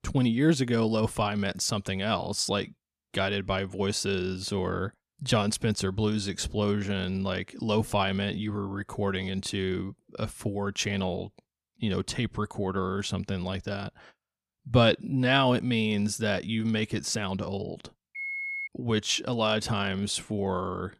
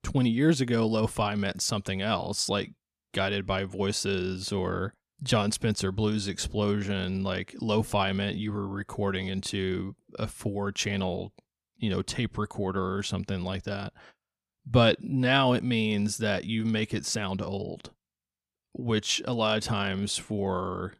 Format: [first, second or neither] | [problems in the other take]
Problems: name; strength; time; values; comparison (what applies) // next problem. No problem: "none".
second | phone ringing; noticeable; at 18 s; peak 3 dB below the speech